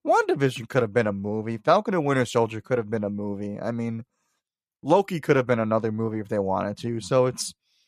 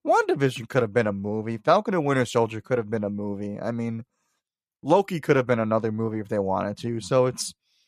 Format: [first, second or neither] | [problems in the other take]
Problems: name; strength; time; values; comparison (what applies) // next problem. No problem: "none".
neither | none